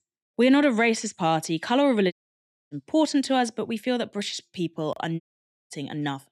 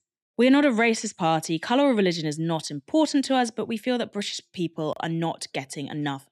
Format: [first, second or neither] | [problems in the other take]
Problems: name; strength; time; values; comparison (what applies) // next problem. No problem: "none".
second | audio cutting out; at 2 s for 0.5 s and at 5 s for 0.5 s